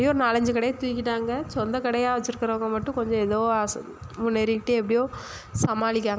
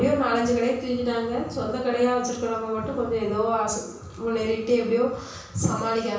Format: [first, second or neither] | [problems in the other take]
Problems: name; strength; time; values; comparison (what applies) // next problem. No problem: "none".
first | room echo; dies away in 0.7 s